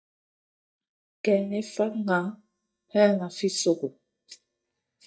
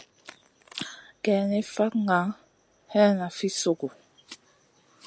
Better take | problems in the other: second | noise reduction (neural mask model DeepFilterNet 3)

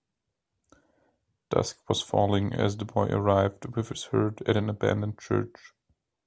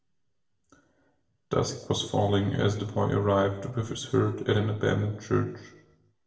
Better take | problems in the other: first | room echo; dies away in 0.7 s

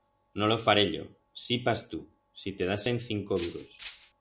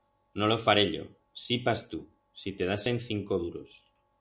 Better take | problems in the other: second | background sound (Rattle (instrument)); 16 dB below the speech

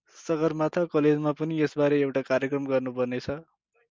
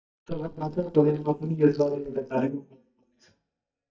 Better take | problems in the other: first | noise reduction (neural mask model DeepFilterNet 3)

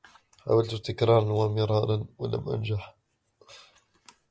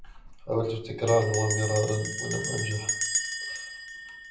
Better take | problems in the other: first | background sound (Bell); 4 dB below the speech // room echo; dies away in 0.6 s

